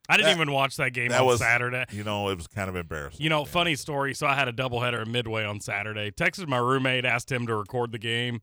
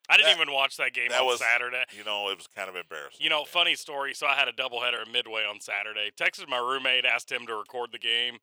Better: first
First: none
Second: thin; very; fading below 550 Hz

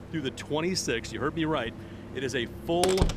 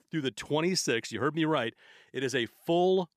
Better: second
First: door banging; loud; from 1.5 s on; peak 2 dB above the speech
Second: none

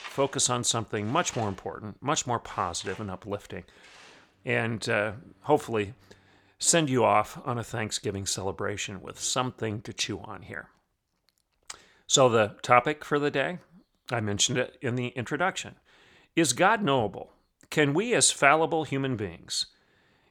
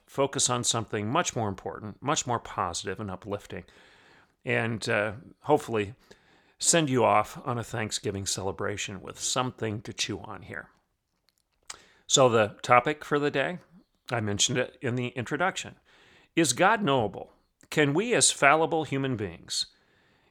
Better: second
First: machinery noise; faint; until 6.5 s; 25 dB below the speech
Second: none

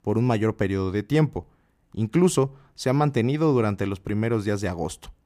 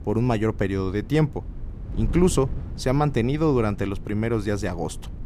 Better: first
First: none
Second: wind noise on the microphone; occasional gusts; 20 dB below the speech

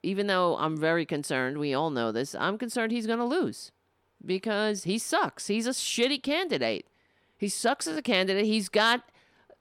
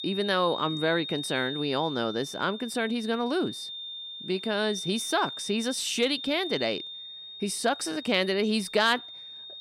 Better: first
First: none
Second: high-pitched whine; loud; throughout; 3.5 kHz, 8 dB below the speech

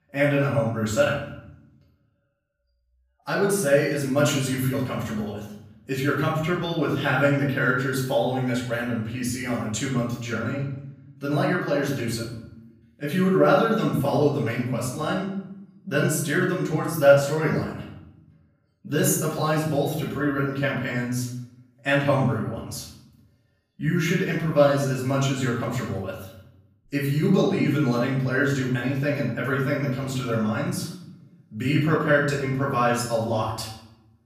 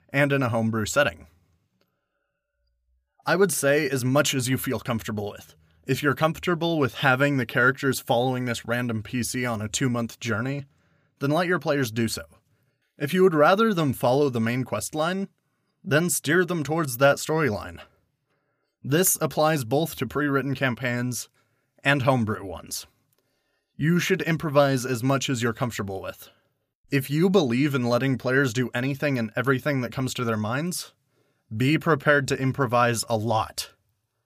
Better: second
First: room echo; noticeable; dies away in 0.8 s // off-mic speech; far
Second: none

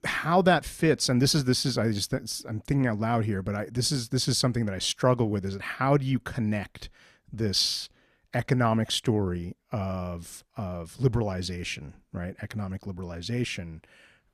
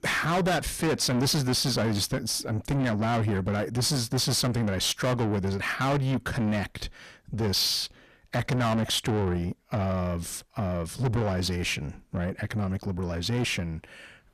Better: first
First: none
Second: distortion; heavy; 6 dB below the speech

